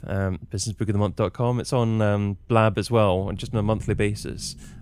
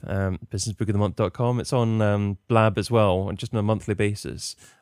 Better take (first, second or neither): second